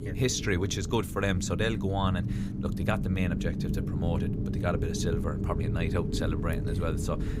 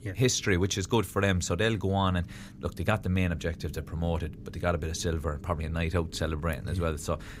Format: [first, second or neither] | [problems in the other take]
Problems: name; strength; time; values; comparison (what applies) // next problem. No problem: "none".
second | low rumble; loud; throughout; 7 dB below the speech; faint in the second